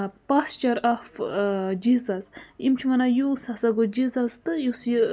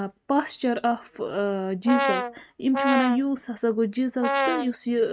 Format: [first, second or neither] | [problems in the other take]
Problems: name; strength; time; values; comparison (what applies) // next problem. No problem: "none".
first | noise reduction (neural mask model RNNoise)